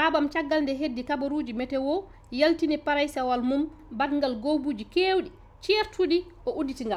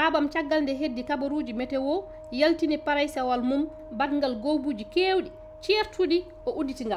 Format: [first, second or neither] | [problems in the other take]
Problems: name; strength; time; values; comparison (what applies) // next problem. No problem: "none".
first | background sound (Wind instrument, woodwind instrument); 18 dB below the speech